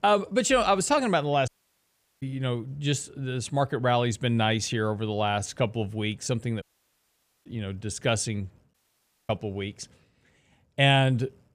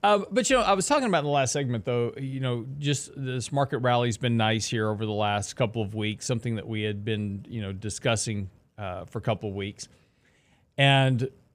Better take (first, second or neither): second